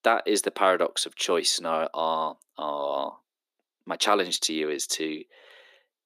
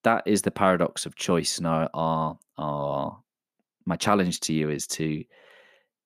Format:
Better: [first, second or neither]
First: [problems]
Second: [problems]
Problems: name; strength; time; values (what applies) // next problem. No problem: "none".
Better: second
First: thin; somewhat; fading below 350 Hz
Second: none